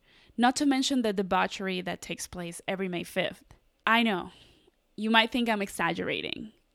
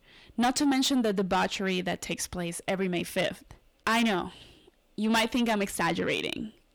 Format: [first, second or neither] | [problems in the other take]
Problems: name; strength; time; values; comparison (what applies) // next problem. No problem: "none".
first | distortion; heavy; 8 dB below the speech